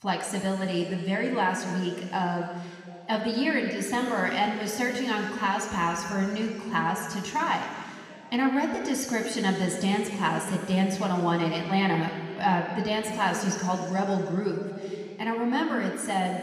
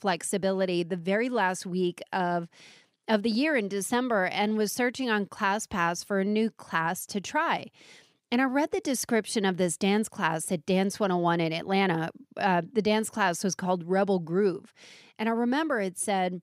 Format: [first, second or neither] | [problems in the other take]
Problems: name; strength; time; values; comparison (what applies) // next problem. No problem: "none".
second | room echo; noticeable; dies away in 2.6 s